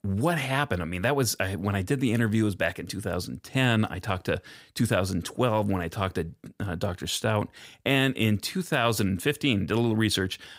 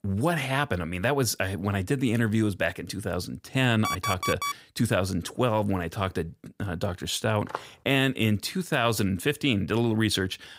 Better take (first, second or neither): first